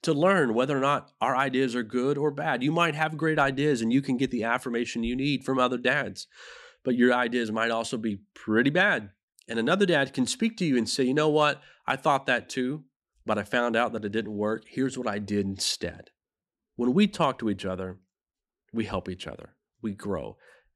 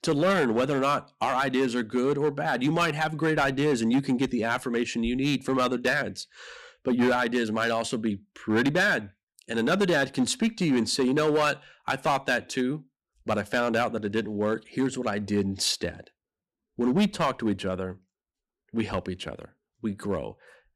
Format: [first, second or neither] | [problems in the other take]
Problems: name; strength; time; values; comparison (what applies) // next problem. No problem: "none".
first | distortion; slight; 5% of the sound clipped